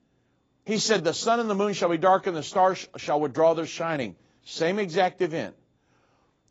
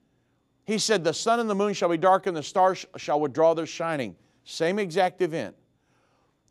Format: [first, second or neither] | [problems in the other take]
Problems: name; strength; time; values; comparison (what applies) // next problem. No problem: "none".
second | garbled, watery; badly; nothing above 7.5 kHz